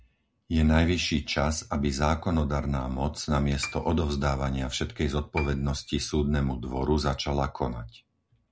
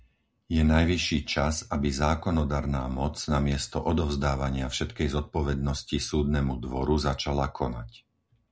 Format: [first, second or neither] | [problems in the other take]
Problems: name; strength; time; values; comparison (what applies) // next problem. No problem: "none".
second | background sound (Piano); 17 dB below the speech